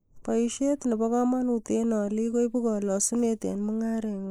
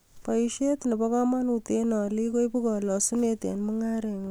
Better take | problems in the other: second | noise reduction (neural mask model Resemble Enhance denoiser)

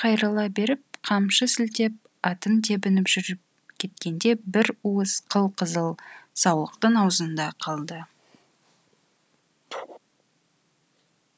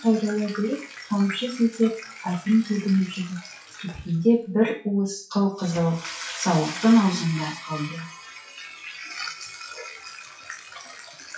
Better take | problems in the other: first | noise reduction (classical method WPE with log-MMSE)

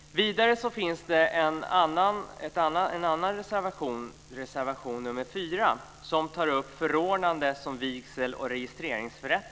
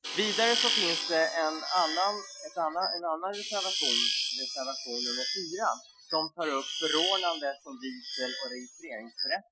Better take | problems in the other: first | noise reduction (classical method Wiener filter)

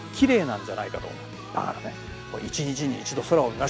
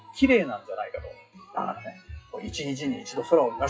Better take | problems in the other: first | noise reduction (classical method WPE with log-MMSE)

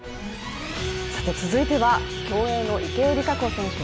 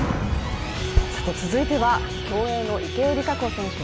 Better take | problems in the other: first | background sound (Fireworks); 4 dB below the speech

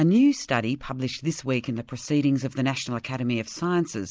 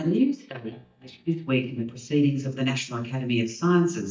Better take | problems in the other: first | noise reduction (neural mask model DeepFilterNet 3)

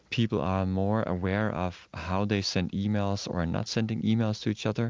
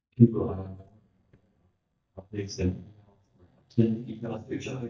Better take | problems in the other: first | noise reduction (neural mask model DeepFilterNet 3)

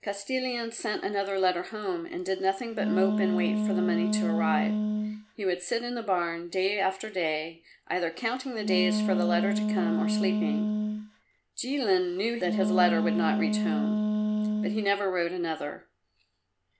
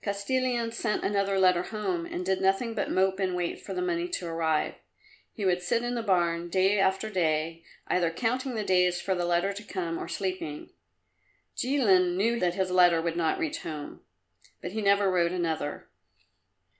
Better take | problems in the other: second | background sound (Wind instrument, woodwind instrument); 2 dB above the speech

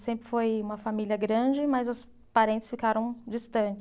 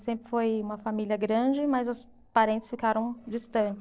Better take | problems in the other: first | noise reduction (neural separator model SepFormer DNS4)

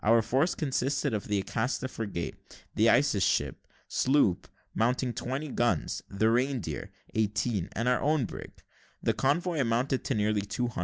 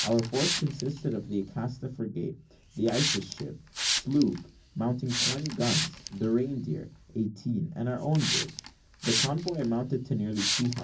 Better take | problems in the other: first | background sound (Hiss); 5 dB below the speech // room echo; dies away in 0.4 s

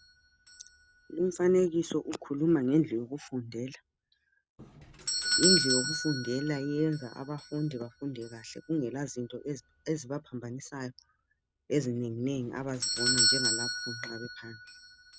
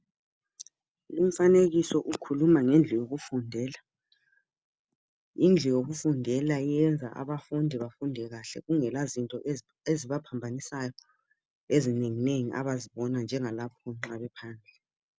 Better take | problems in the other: second | background sound (Doorbell); 2 dB below the speech

